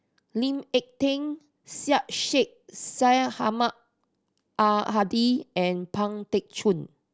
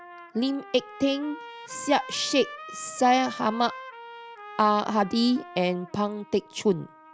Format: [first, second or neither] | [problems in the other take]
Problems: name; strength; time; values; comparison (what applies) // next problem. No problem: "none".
first | background sound (Trumpet); 16 dB below the speech